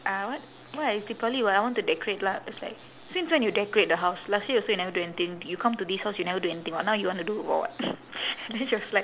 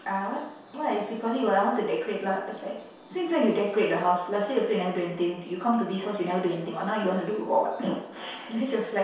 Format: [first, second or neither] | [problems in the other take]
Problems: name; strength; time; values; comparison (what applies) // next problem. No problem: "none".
first | room echo; dies away in 0.7 s